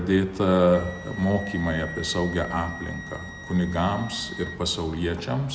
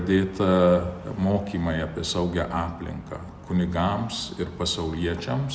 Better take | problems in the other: second | background sound (Wind instrument, woodwind instrument); 15 dB below the speech

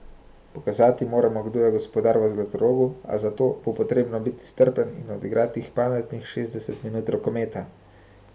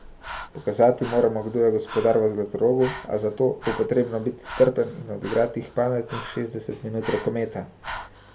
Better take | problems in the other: first | background sound (Breathing); 16 dB below the speech

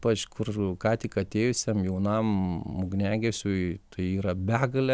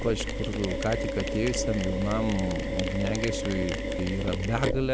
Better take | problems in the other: first | background sound (Mechanisms); 1 dB below the speech

